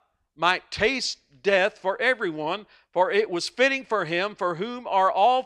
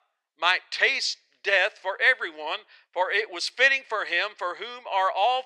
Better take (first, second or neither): first